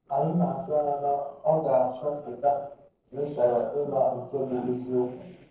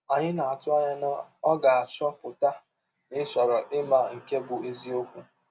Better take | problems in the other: second | noise reduction (neural separator model SepFormer DNS4)

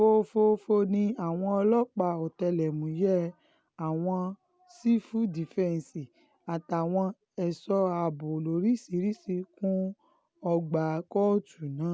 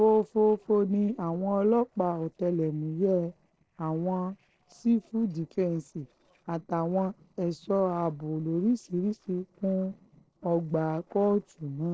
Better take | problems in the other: first | noise reduction (neural separator model SepFormer DNS4)

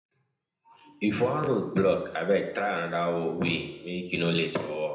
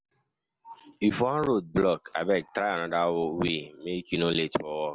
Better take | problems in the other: second | room echo; dies away in 0.8 s

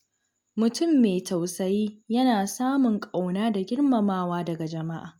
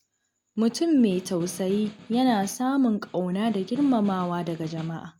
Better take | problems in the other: first | background sound (Snare drum); 19 dB below the speech

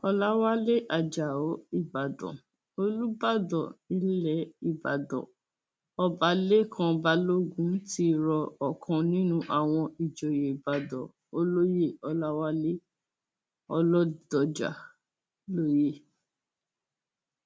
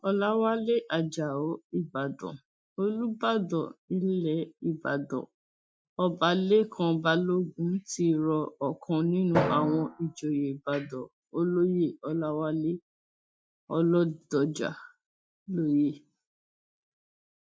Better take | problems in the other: first | noise reduction (classical method Wiener filter)

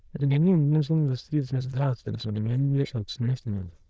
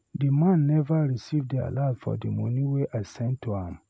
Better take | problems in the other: second | noise reduction (neural diffusion model UNIVERSE++)

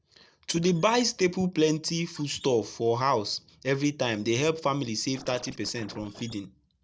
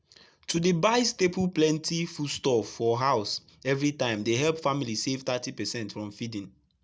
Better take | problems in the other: second | noise reduction (neural separator model SepFormer DNS4)

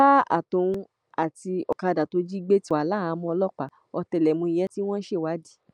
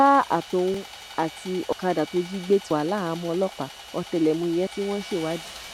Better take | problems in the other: first | background sound (Sawing); 16 dB below the speech

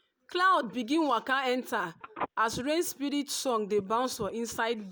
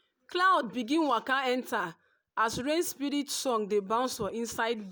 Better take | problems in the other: second | background sound (Telephone); 15 dB below the speech

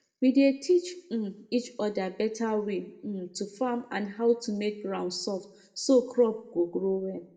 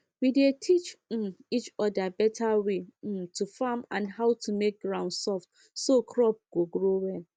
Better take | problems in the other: second | room echo; dies away in 0.6 s

